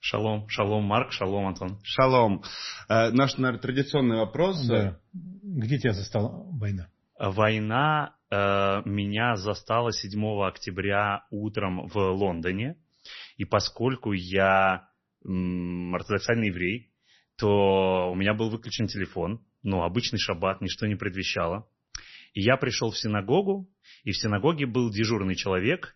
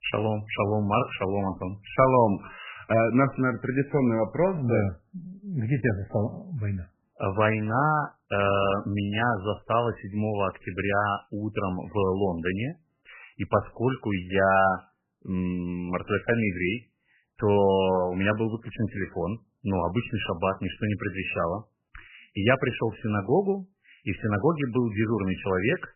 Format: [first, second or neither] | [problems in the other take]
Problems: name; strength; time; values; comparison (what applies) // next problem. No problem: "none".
first | garbled, watery; badly; nothing above 3 kHz; slightly in the first